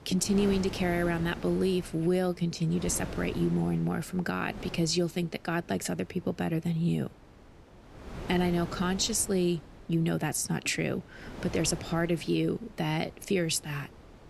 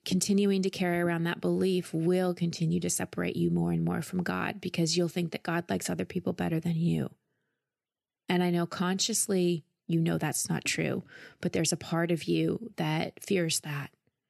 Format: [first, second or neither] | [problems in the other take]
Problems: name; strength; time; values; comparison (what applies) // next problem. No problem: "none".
second | wind noise on the microphone; occasional gusts; 15 dB below the speech